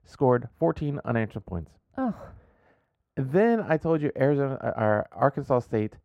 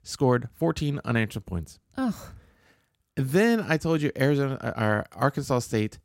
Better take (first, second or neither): second